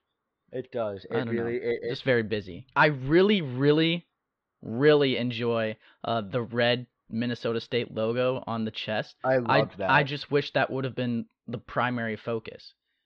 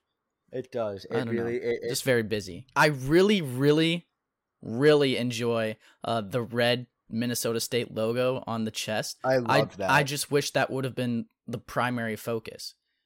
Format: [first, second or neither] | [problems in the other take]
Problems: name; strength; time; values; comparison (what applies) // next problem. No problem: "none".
second | muffled; slightly; fading above 4 kHz